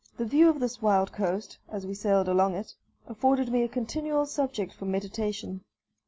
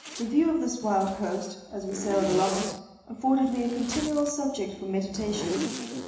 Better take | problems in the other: first | background sound (Zipper (clothing)); 9 dB below the speech // room echo; dies away in 1 s

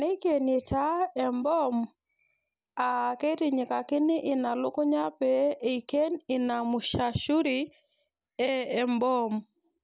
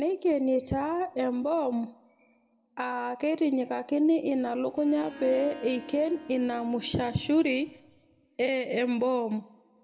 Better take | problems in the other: first | background sound (Harp); 16 dB below the speech // room echo; dies away in 0.7 s

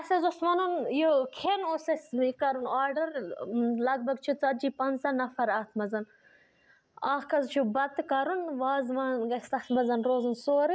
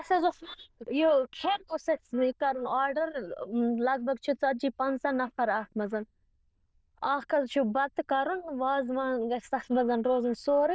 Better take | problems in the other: first | noise reduction (neural diffusion model UNIVERSE++)

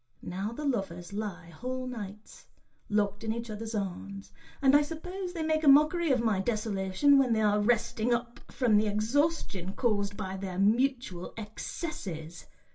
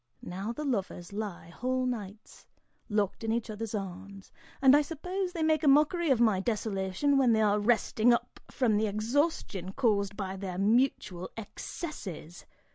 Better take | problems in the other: second | room echo; dies away in 0.2 s

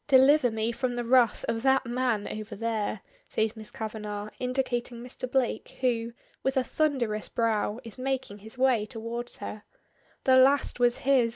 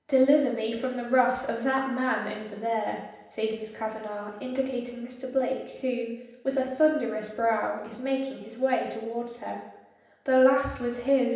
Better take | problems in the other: first | room echo; dies away in 0.9 s

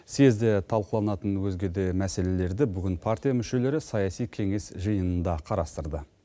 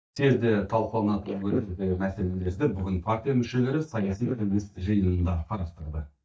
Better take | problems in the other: first | noise reduction (neural mask model DeepFilterNet 3)

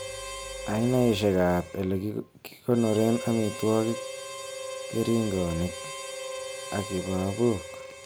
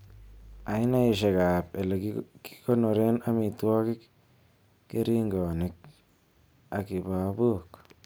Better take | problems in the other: second | background sound (Harmonica); 10 dB below the speech

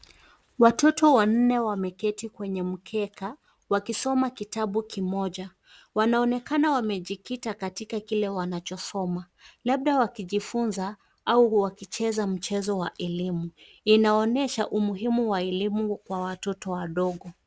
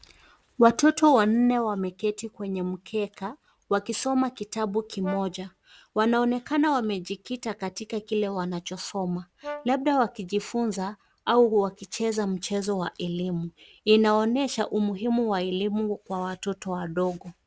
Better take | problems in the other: first | background sound (Brass instrument); 17 dB below the speech

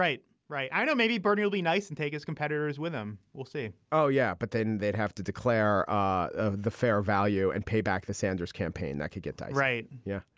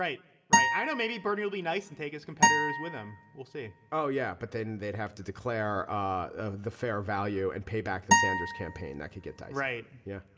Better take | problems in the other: first | background sound (Acoustic guitar); 5 dB above the speech // room echo; dies away in 2.8 s

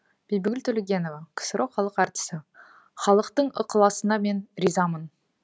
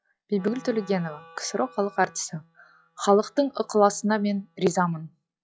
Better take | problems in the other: first | noise reduction (classical method log-MMSE)

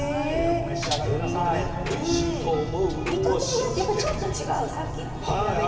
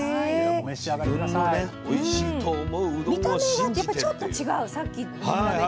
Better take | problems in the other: second | background sound (Engine); 8 dB below the speech // room echo; dies away in 2.8 s

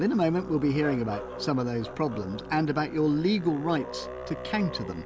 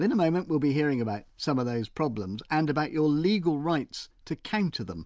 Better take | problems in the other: second | background sound (Musical instrument); 11 dB below the speech

